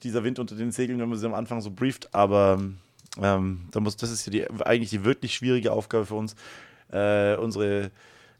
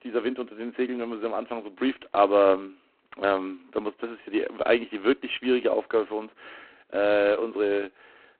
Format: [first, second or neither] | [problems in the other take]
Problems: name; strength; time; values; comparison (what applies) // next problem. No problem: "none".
first | phone-call audio; poor line